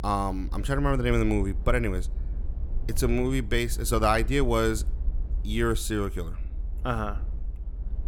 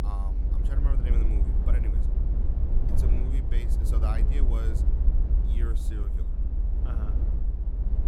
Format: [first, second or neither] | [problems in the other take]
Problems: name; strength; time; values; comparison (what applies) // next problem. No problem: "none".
first | low rumble; loud; throughout; 1 dB below the speech; faint in the first